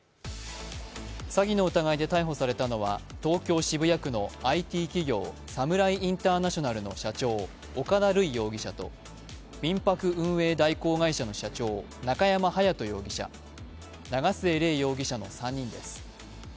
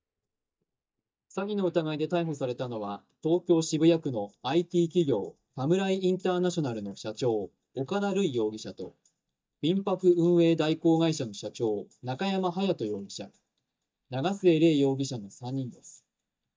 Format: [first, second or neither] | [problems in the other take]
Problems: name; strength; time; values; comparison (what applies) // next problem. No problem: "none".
first | noise reduction (neural mask model DeepFilterNet 3)